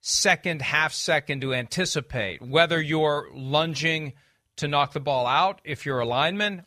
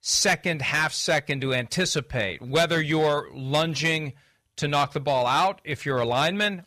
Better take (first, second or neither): first